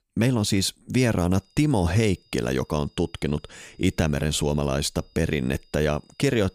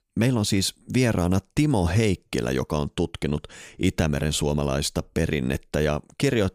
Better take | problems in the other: second | high-pitched whine; faint; from 1.5 s on; 5 kHz, 35 dB below the speech

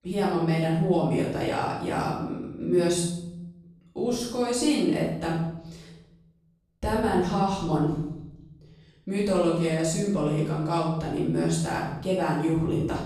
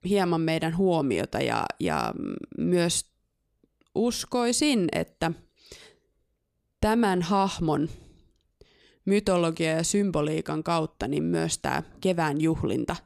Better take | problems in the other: second | off-mic speech; far // room echo; noticeable; dies away in 0.9 s

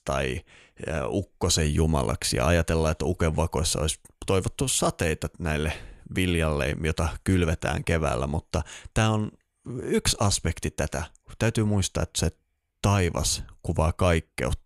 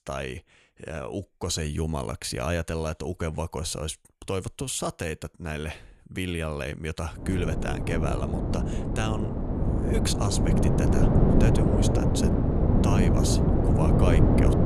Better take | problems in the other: first | wind noise on the microphone; heavy; from 7 s on; 2 dB above the speech

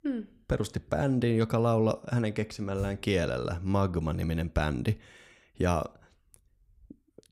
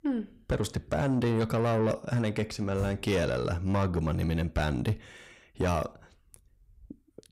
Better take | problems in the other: first | distortion; slight; 10 dB below the speech

